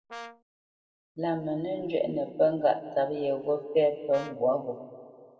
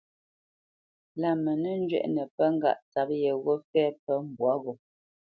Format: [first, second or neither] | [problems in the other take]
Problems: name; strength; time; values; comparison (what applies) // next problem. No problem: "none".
second | background sound (Brass instrument); 14 dB below the speech // room echo; dies away in 1.6 s